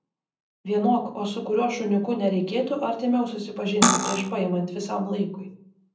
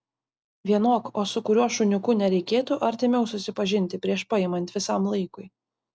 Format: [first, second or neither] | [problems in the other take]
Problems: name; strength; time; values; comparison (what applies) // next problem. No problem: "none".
second | background sound (Cutlery, silverware); 4 dB above the speech // room echo; dies away in 0.6 s